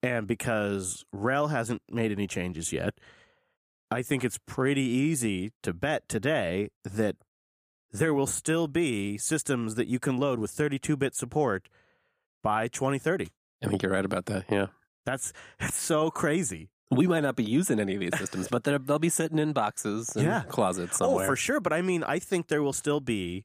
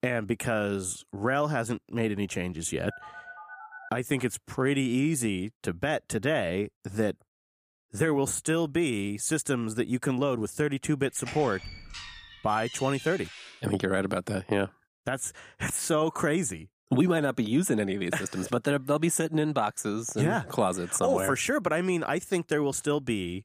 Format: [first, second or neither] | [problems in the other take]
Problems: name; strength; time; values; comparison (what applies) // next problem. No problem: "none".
first | phone ringing; faint; at 3 s; peak 15 dB below the speech // door banging; faint; from 11 to 14 s; peak 10 dB below the speech